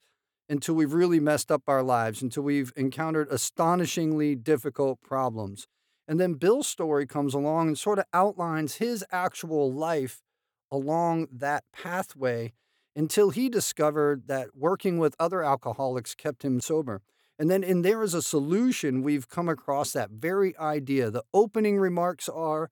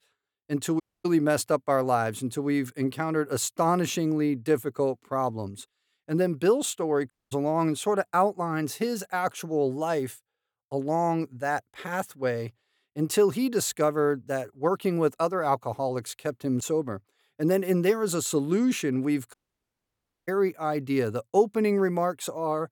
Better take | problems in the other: first | audio cutting out; at 1 s, at 7 s and at 19 s for 1 s

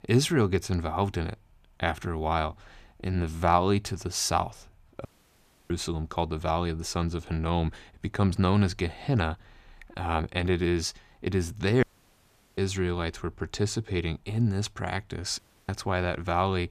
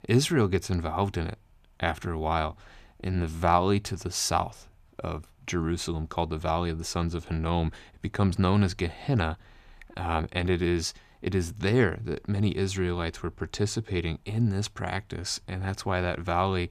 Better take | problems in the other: second | audio cutting out; at 5 s for 0.5 s, at 12 s for 0.5 s and at 15 s

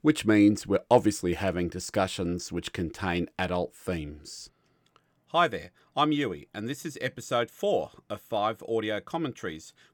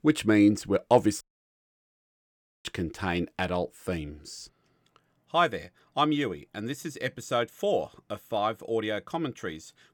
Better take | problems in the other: first | audio cutting out; at 1 s for 1.5 s

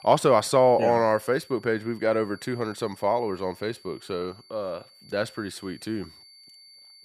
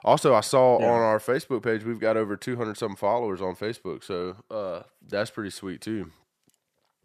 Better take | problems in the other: second | high-pitched whine; faint; throughout; 4.5 kHz, 25 dB below the speech

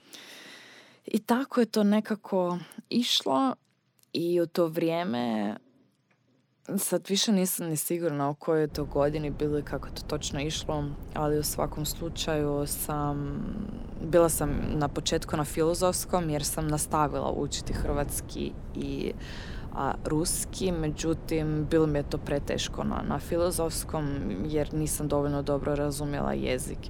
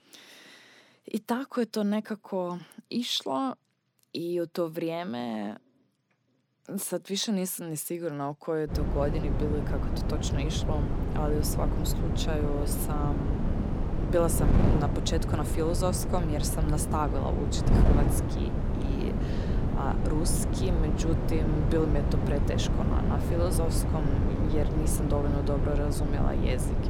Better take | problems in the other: first | wind noise on the microphone; heavy; from 8.5 s on; 3 dB below the speech; occasional gusts in the first

